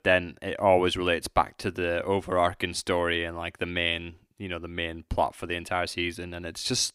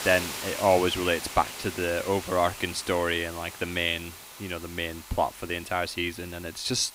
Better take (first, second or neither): first